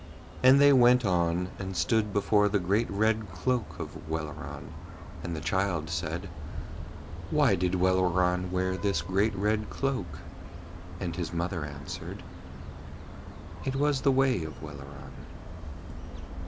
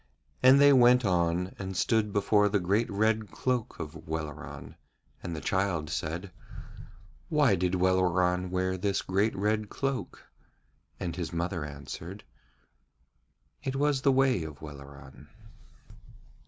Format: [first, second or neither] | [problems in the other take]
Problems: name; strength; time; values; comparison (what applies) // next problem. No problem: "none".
second | background sound (Vehicle horn, car horn, honking); 10 dB below the speech